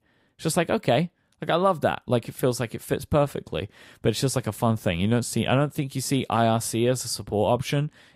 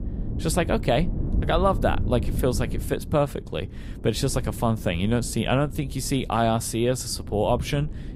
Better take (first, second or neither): first